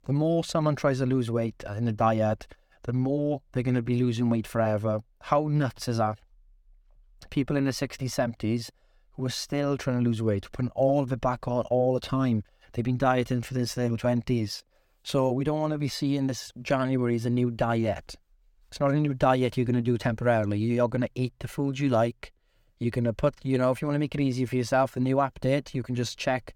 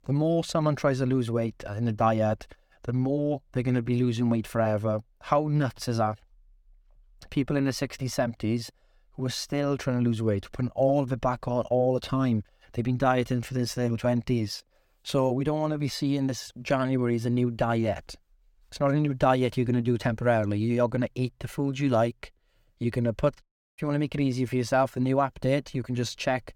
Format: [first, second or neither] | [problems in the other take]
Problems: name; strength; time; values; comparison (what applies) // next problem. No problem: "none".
first | audio cutting out; at 23 s